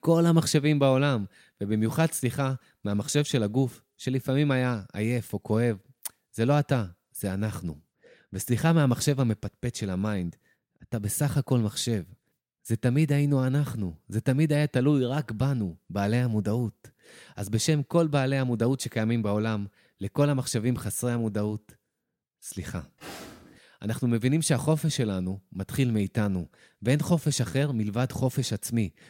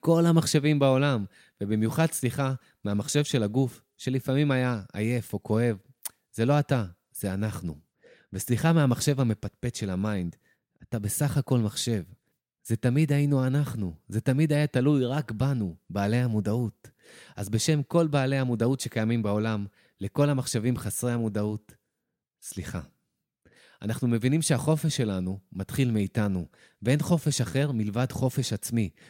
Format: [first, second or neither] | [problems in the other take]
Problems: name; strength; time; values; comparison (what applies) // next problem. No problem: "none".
second | footsteps; faint; at 23 s; peak 15 dB below the speech